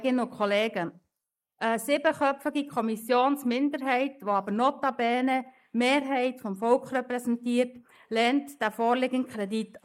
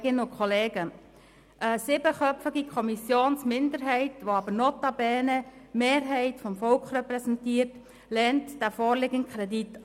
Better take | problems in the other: second | noise reduction (neural mask model Resemble Enhance denoiser)

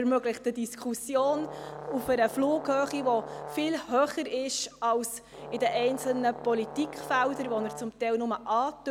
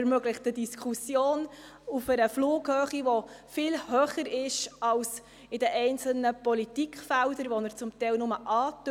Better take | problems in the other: second | background sound (Brass instrument); 13 dB below the speech

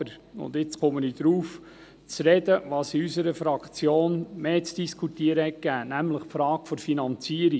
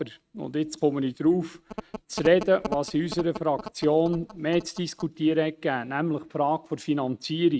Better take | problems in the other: first | noise reduction (neural mask model RNNoise)

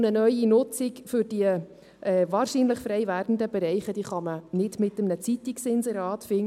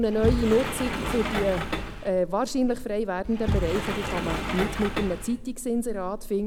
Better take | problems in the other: first | background sound (Sliding door); 4 dB below the speech

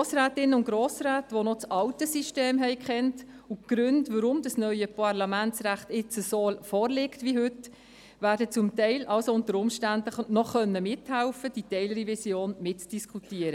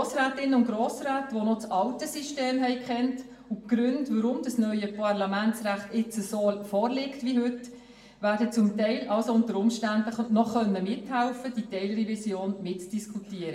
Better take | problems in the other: first | room echo; dies away in 0.7 s

